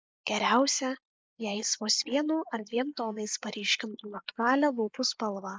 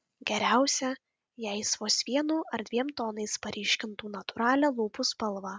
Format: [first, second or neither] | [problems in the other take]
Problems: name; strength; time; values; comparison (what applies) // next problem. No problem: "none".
second | noise reduction (neural mask model Resemble Enhance denoiser)